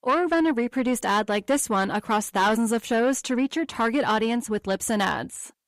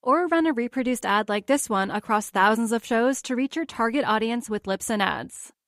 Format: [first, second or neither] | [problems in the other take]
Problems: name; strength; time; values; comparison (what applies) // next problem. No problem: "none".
second | distortion; slight; 10 dB below the speech